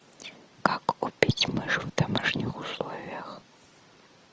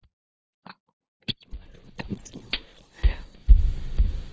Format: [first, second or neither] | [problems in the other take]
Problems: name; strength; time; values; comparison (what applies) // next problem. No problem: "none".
first | noise reduction (neural mask model DeepFilterNet 3)